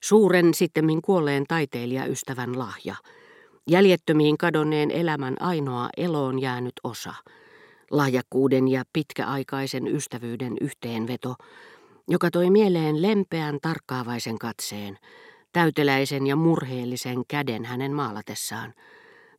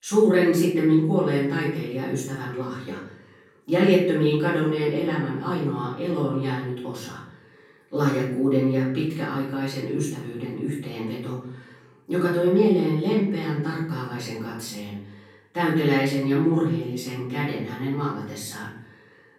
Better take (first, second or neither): first